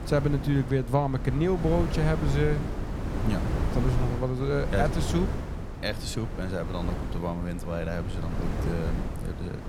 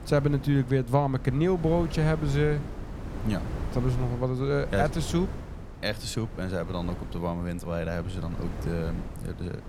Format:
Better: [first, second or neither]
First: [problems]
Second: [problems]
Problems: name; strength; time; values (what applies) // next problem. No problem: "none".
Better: second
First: wind noise on the microphone; heavy; 6 dB below the speech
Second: wind noise on the microphone; occasional gusts; 15 dB below the speech